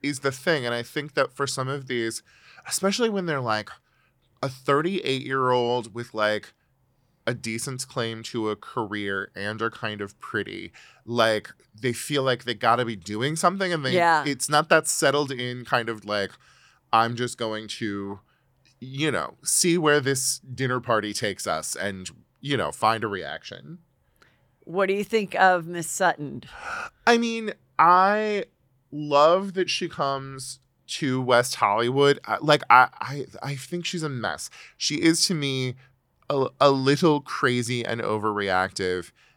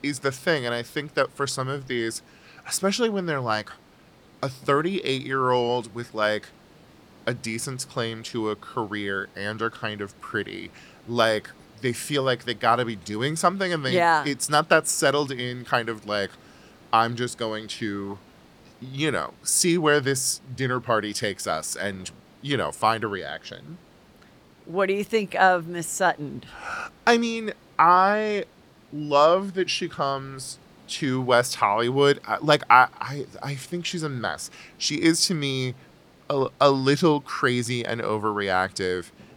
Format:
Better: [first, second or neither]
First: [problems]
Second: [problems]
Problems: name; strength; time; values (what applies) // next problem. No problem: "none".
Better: first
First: none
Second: hiss; faint; throughout; 30 dB below the speech